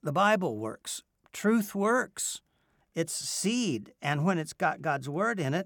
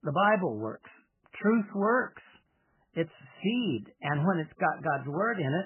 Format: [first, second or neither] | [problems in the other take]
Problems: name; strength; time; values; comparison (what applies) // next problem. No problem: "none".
first | garbled, watery; badly; nothing above 3 kHz